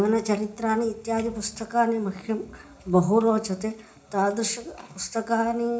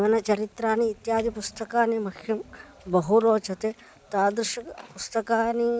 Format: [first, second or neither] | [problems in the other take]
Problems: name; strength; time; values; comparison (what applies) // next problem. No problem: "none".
second | room echo; dies away in 0.4 s